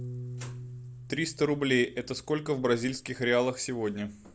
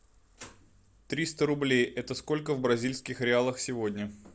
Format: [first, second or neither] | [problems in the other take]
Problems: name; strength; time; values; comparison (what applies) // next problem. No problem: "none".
second | background sound (Piano); 14 dB below the speech